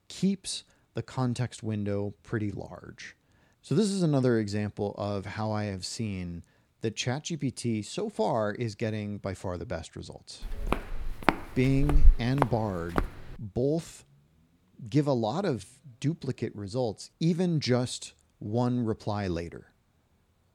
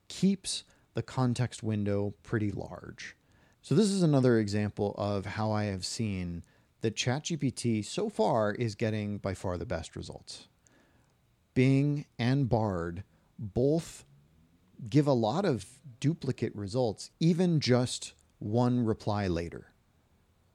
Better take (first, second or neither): second